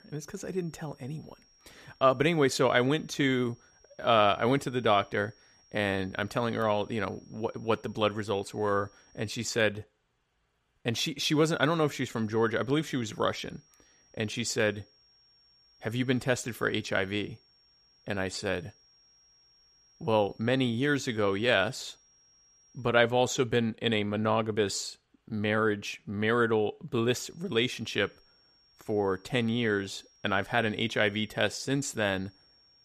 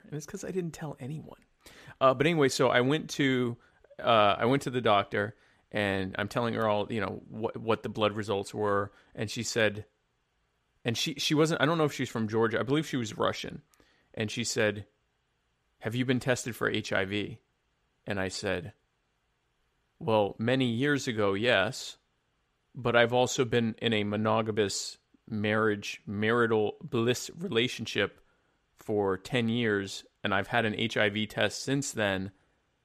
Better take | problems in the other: second | high-pitched whine; faint; until 9.5 s, from 11 to 23 s and from 27 s on; 5.5 kHz, 30 dB below the speech

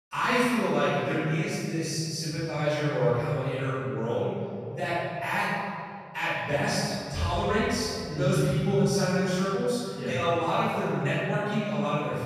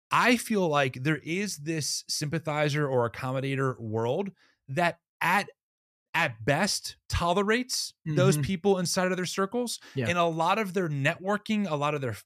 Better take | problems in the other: second | off-mic speech; far // room echo; strong; dies away in 2.2 s

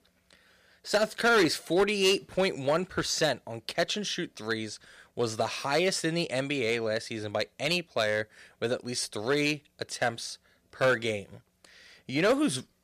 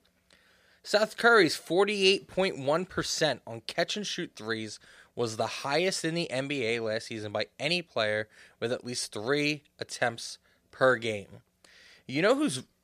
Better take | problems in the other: second | distortion; slight; 2% of the sound clipped

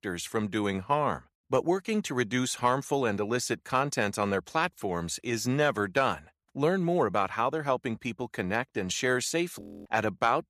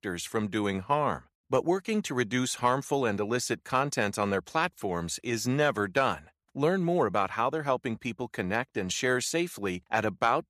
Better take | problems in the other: second | audio freezing; at 9.5 s

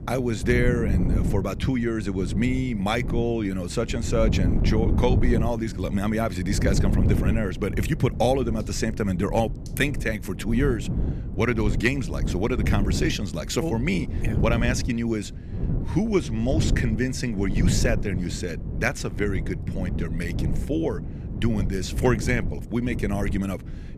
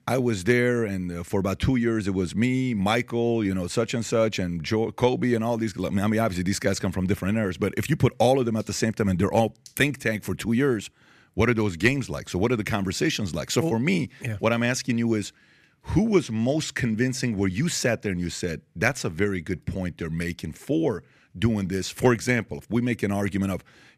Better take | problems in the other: second | wind noise on the microphone; heavy; 10 dB below the speech

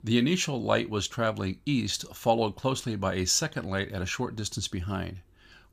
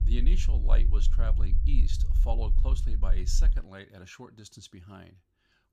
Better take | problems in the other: first | low rumble; loud; until 3.5 s; 7 dB below the speech

